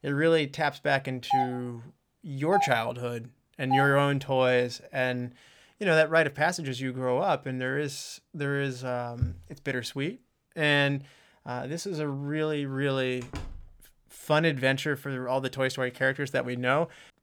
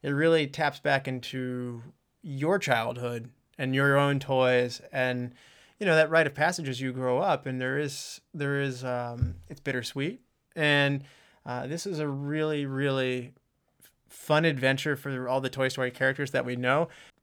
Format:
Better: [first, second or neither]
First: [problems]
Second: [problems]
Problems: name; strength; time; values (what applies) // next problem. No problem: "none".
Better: second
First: doorbell; noticeable; from 1.5 to 4 s; peak level with the speech // door banging; faint; at 13 s; peak 15 dB below the speech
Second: none